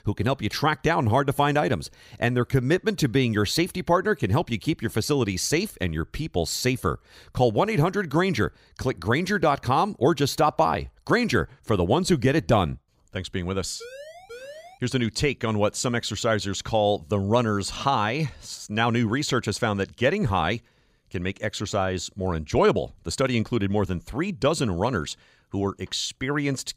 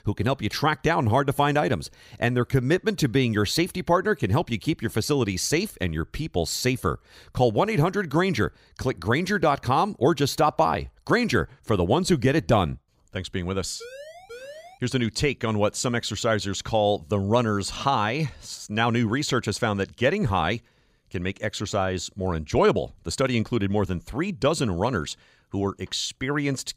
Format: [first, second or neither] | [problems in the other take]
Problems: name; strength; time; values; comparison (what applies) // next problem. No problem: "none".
neither | siren; faint; at 14 s; peak 15 dB below the speech; the same in both